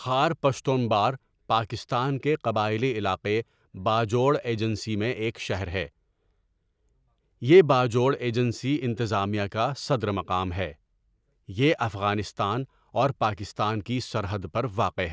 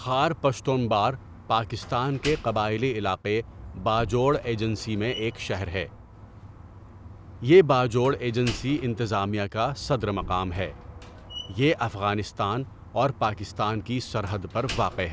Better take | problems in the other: first | background sound (Slam); 15 dB below the speech

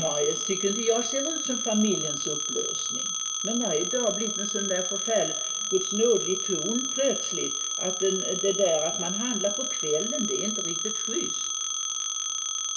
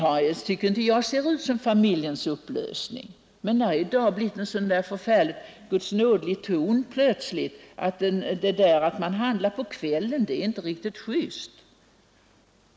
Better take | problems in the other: second | background sound (Telephone); as loud as the speech // room echo; dies away in 0.3 s

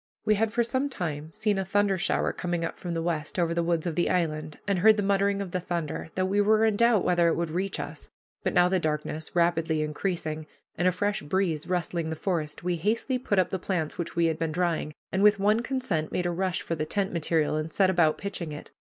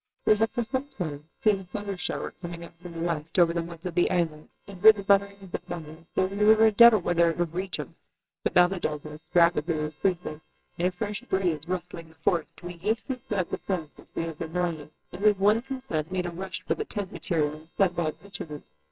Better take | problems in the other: first | noise reduction (neural separator model SepFormer WHAMR!)

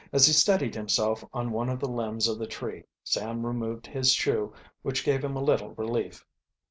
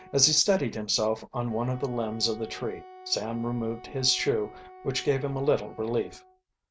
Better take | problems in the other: first | background sound (Wind instrument, woodwind instrument); 19 dB below the speech

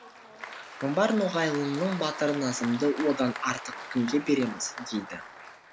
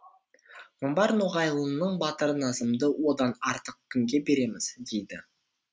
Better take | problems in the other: second | background sound (Applause); 12 dB below the speech

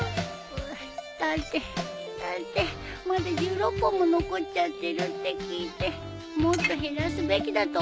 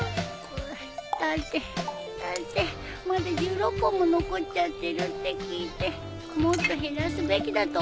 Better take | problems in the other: first | background sound (Water tap, faucet); 16 dB below the speech

